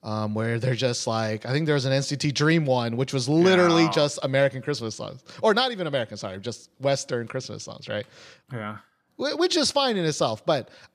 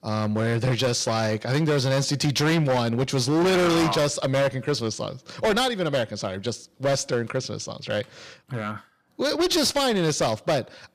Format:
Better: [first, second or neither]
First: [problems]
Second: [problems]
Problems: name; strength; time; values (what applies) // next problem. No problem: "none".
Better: first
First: none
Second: distortion; heavy; 16% of the sound clipped